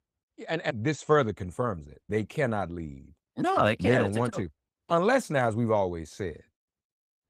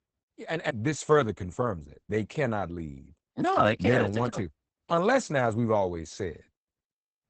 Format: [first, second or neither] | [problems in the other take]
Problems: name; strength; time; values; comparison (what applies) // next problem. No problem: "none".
first | garbled, watery; badly; nothing above 8 kHz; slightly in the first